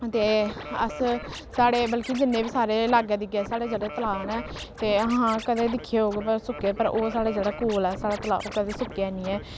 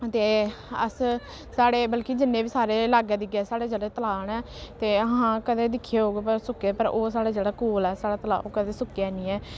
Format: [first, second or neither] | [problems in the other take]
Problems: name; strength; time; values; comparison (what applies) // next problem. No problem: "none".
second | background sound (Scratching (performance technique)); 13 dB below the speech